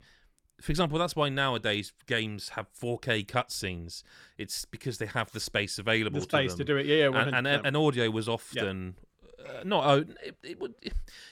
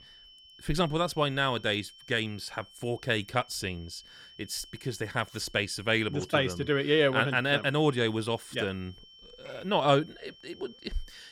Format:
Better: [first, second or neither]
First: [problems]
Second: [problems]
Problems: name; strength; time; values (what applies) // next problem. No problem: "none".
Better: first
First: none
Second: high-pitched whine; faint; throughout; 3 kHz, 25 dB below the speech